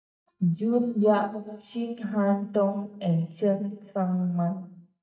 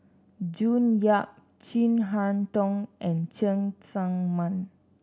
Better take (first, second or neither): second